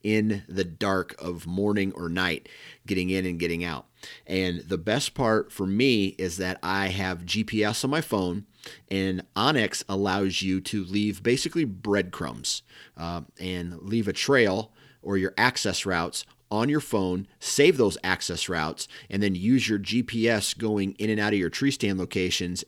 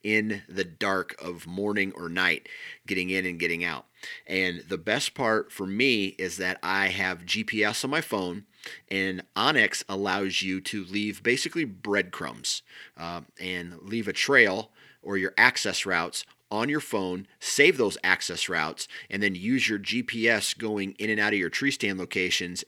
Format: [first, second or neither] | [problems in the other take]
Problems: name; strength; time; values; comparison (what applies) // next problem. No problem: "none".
first | thin; very slightly; fading below 550 Hz